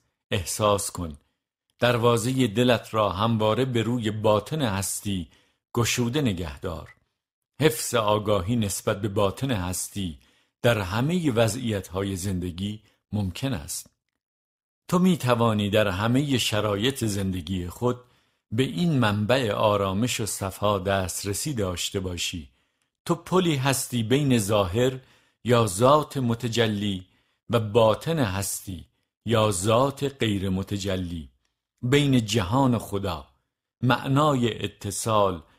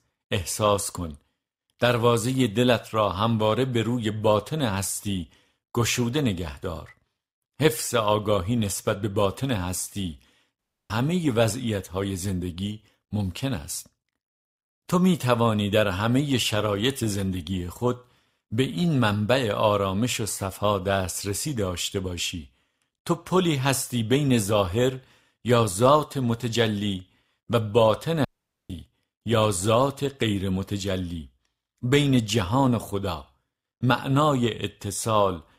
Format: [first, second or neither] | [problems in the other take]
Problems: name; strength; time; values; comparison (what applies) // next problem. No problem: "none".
first | audio cutting out; at 11 s and at 28 s